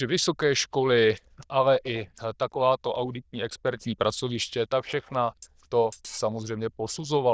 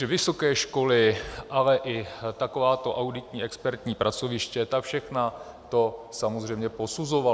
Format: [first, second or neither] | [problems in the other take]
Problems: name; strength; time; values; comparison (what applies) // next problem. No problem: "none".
second | noise reduction (neural diffusion model UNIVERSE++)